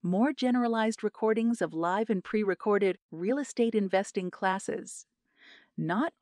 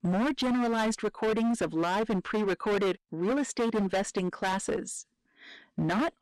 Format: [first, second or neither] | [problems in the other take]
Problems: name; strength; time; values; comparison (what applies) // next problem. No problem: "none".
first | distortion; heavy; 24% of the sound clipped